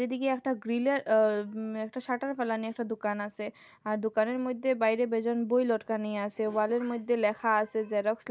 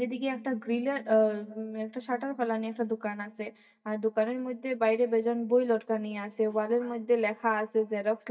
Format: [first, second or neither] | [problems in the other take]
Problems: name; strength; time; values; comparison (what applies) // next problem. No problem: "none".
first | noise reduction (neural mask model DeepFilterNet 3)